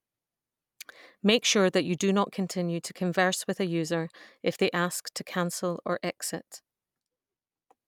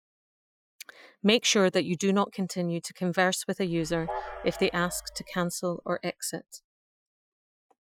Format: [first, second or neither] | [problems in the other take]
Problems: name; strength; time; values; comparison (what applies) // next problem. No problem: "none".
first | noise reduction (classical method Wiener filter)